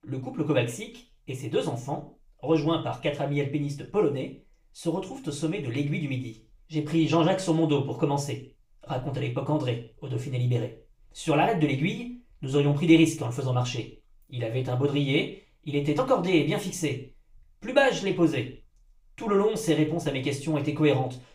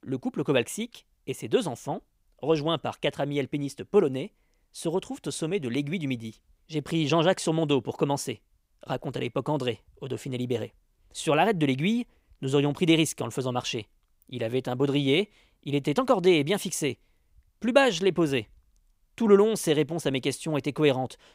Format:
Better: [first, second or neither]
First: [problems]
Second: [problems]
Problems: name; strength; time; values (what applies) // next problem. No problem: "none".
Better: second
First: room echo; slight; dies away in 0.3 s // off-mic speech; far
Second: none